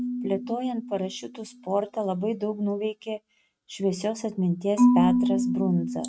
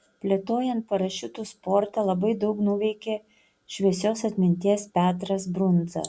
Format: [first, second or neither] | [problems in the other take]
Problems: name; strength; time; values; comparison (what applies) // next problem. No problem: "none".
second | noise reduction (neural mask model RNNoise)